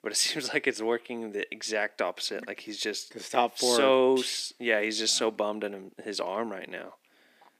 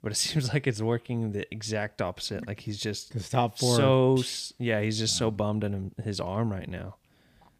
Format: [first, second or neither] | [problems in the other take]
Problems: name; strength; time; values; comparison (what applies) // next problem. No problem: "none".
second | thin; somewhat; fading below 300 Hz